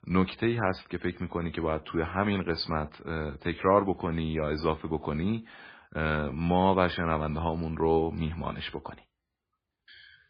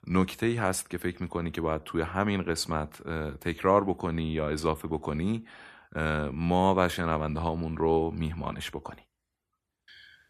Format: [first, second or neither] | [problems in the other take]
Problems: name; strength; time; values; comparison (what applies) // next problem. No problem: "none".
second | garbled, watery; badly; nothing above 5 kHz